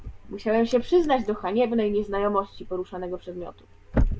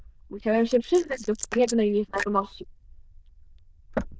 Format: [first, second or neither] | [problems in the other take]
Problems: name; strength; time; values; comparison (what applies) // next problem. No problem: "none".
first | noise reduction (neural diffusion model UNIVERSE++)